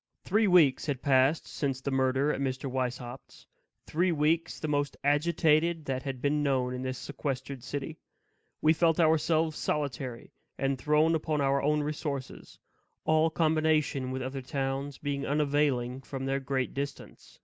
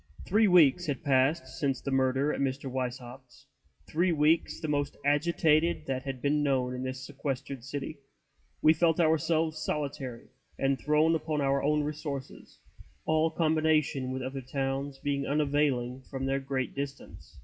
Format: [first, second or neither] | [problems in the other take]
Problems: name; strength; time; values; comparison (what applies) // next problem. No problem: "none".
first | noise reduction (classical method WPE with log-MMSE)